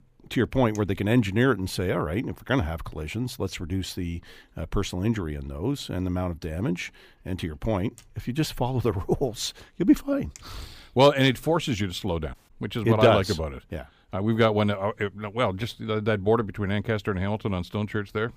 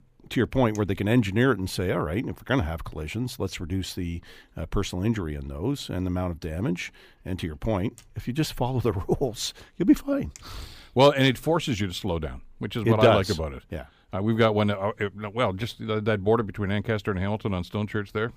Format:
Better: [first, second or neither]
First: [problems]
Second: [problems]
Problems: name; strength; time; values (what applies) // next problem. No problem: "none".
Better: second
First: audio cutting out; at 12 s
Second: none